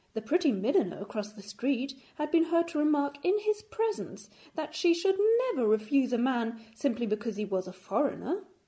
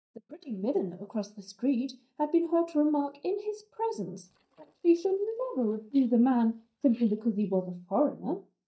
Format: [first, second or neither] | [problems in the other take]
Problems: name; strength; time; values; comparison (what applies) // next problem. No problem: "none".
first | noise reduction (neural mask model DeepFilterNet 3)